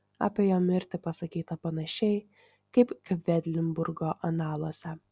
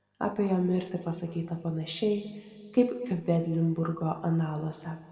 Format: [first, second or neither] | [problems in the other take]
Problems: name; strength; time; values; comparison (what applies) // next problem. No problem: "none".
first | room echo; dies away in 1.6 s